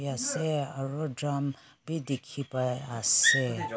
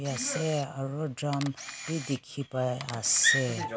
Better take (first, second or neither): first